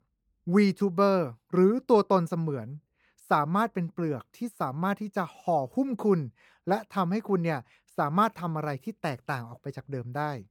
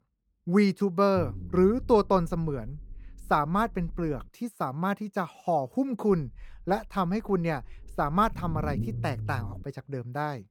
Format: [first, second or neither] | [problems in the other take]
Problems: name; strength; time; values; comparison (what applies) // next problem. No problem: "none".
first | low rumble; noticeable; from 1 to 4.5 s and from 6 to 9.5 s; 20 dB below the speech